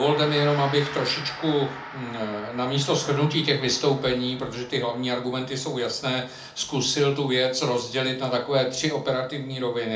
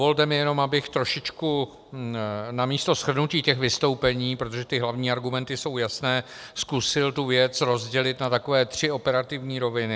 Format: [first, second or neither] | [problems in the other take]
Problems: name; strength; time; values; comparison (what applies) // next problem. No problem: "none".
second | background sound (Gong); 16 dB below the speech // room echo; dies away in 0.4 s